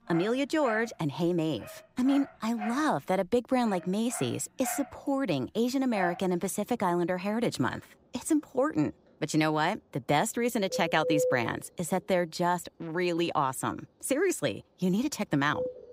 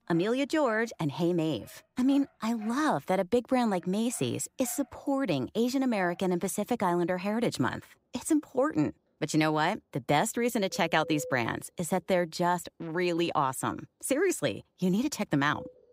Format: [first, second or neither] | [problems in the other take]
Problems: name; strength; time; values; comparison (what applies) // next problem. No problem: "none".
second | animal sounds; loud; throughout; 9 dB below the speech; faint in the second